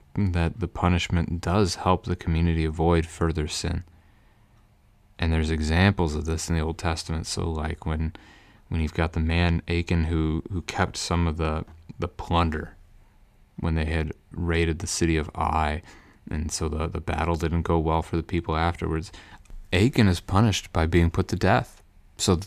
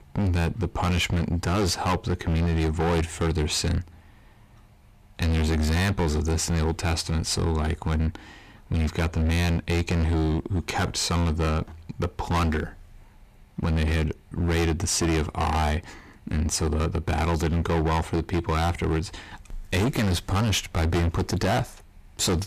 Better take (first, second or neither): first